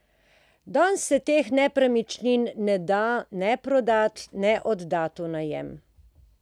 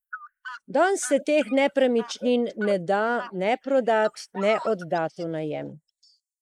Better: first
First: none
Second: noise reduction (neural mask model Resemble Enhance denoiser)

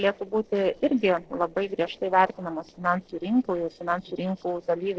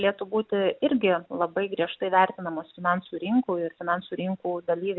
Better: second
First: noise reduction (neural separator model SepFormer DNS4)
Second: none

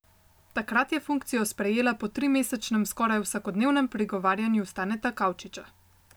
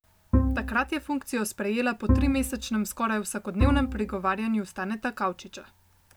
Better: first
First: none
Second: background sound (Bowed string instrument); 1 dB above the speech

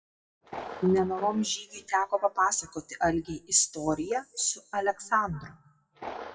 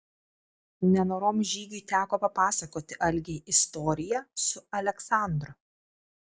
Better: second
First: noise reduction (classical method WPE with log-MMSE)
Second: none

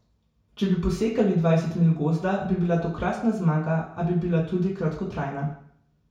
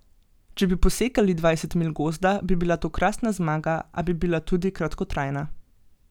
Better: second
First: room echo; dies away in 0.6 s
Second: none

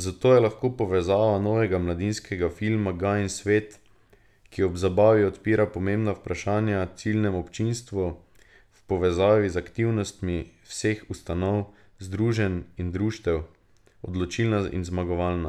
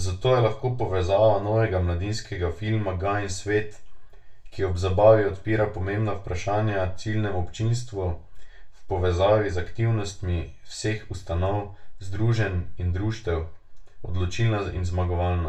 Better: first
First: none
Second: room echo; dies away in 0.2 s

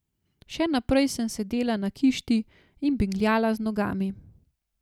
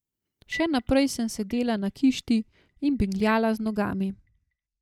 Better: first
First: none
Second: noise reduction (neural mask model DeepFilterNet 3)

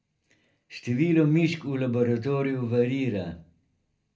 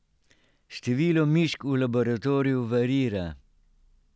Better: second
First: room echo; dies away in 0.3 s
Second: none

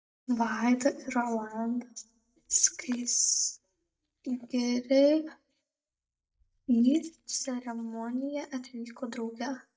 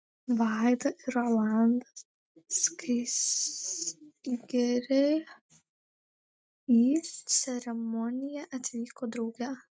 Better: second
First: noise reduction (neural mask model DeepFilterNet 3)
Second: none

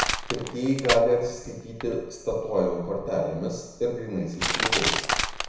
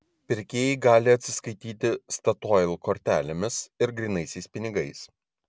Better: second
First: background sound (Crushing); 3 dB below the speech // room echo; dies away in 1 s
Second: none

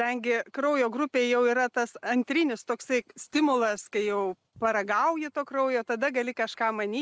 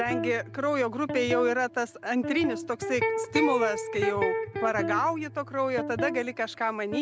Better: first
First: none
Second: background sound (Electric guitar); 4 dB below the speech

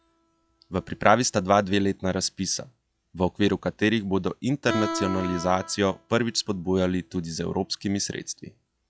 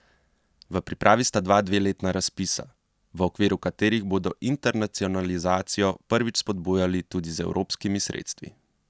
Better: second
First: noise reduction (classical method log-MMSE)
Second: none

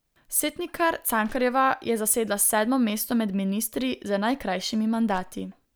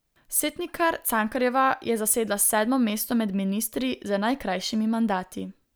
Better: second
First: background sound (Crushing); 19 dB below the speech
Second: none

